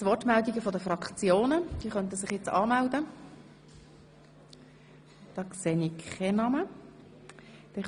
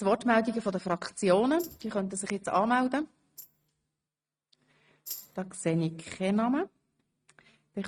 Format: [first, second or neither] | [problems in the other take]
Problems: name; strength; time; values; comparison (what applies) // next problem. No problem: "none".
first | noise reduction (neural mask model RNNoise)